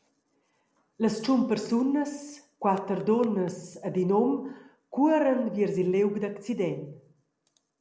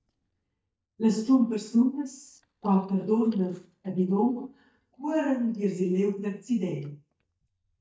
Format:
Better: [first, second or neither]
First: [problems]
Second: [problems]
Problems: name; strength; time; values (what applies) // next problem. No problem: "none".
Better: first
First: none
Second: noise reduction (neural mask model DeepFilterNet 3)